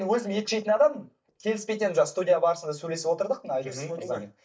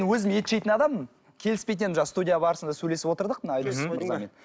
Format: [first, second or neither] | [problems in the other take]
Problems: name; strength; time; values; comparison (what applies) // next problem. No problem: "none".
second | noise reduction (neural mask model DeepFilterNet 3)